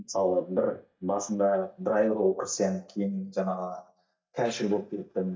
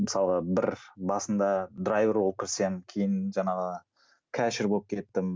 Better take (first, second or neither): second